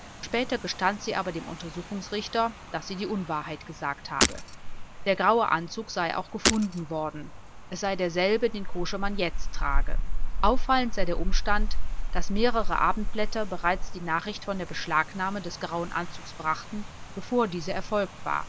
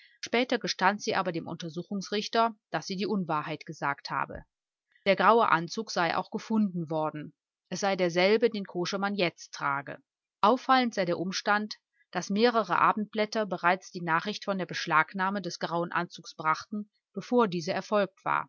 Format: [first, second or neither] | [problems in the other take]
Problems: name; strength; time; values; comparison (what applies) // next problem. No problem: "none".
second | background sound (Shatter + Rain); 2 dB above the speech